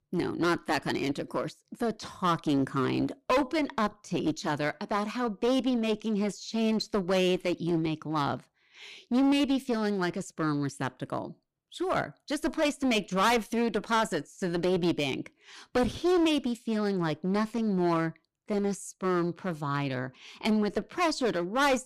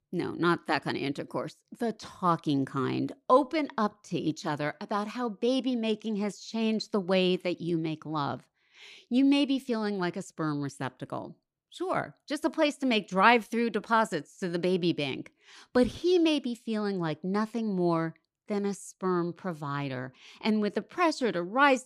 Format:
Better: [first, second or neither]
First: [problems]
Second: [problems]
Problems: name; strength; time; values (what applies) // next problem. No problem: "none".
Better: second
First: distortion; heavy; 11% of the sound clipped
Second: none